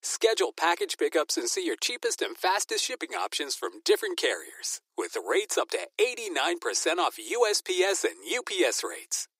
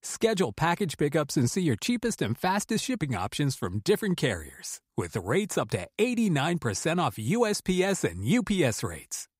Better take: second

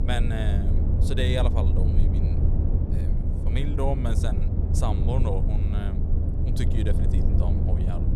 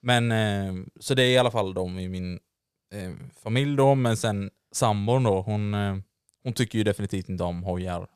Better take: second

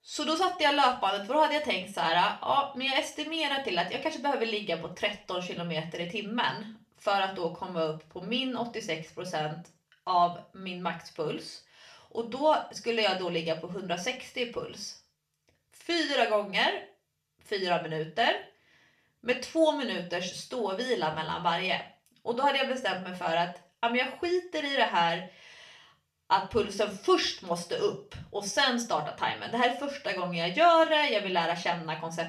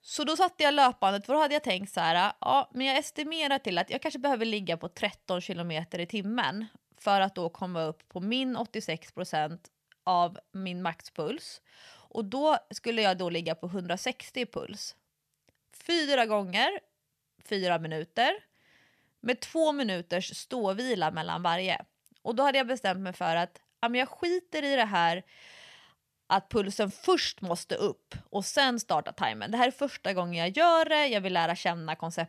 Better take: second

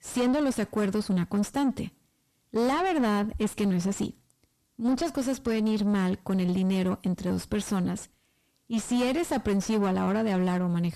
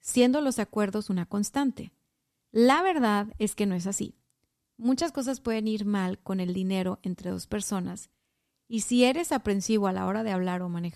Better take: second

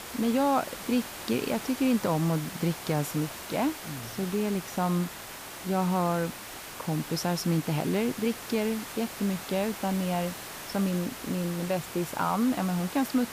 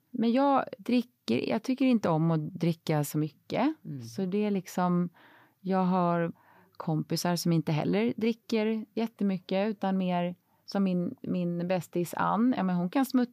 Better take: second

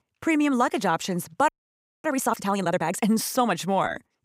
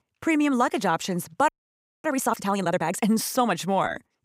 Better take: neither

